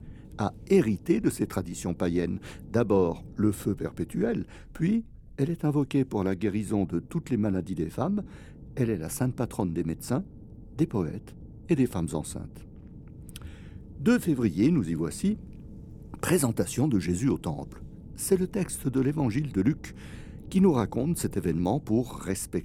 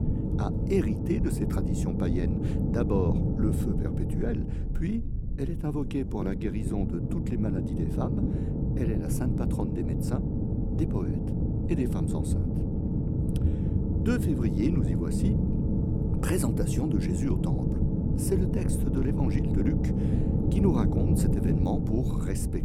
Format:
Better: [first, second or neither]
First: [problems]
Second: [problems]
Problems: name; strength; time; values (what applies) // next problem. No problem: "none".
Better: first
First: low rumble; faint; throughout; 25 dB below the speech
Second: low rumble; loud; throughout; 1 dB below the speech